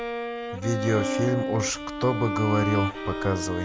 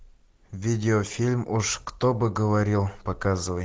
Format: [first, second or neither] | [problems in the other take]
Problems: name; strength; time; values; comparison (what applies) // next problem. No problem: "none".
second | background sound (Bowed string instrument); 3 dB below the speech